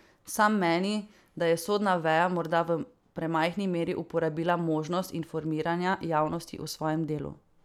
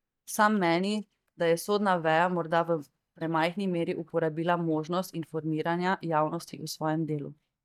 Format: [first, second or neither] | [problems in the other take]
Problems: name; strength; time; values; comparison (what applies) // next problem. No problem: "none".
first | noise reduction (neural mask model DeepFilterNet 3)